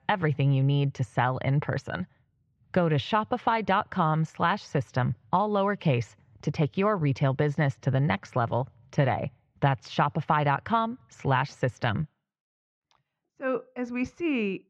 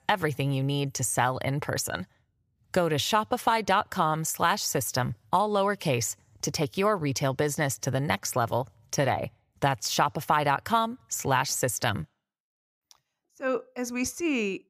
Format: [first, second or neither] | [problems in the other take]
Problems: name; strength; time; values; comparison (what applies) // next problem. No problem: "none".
second | muffled; very; fading above 3 kHz